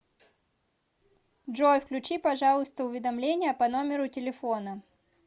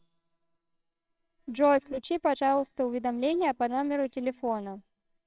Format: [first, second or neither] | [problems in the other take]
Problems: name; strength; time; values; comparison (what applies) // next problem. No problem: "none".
first | noise reduction (neural separator model SepFormer WHAMR!)